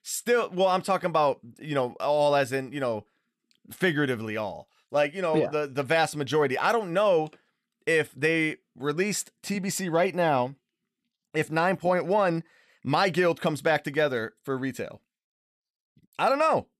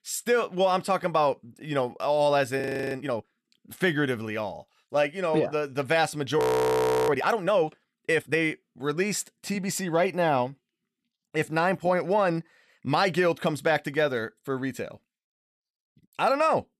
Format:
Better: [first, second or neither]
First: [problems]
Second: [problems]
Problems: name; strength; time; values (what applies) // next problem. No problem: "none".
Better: first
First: none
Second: audio freezing; at 2.5 s and at 6.5 s for 0.5 s